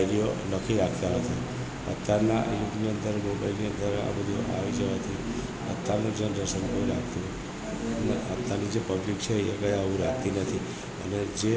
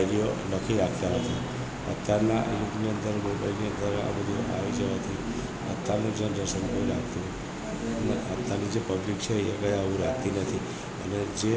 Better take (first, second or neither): first